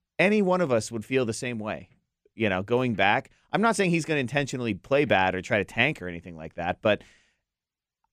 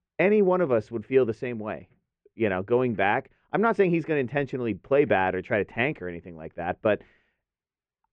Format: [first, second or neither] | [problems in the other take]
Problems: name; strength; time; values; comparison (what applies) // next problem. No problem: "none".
first | muffled; very; fading above 2 kHz